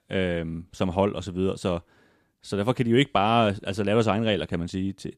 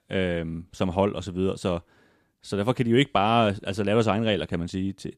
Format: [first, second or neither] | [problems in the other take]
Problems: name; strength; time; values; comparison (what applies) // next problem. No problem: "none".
neither | none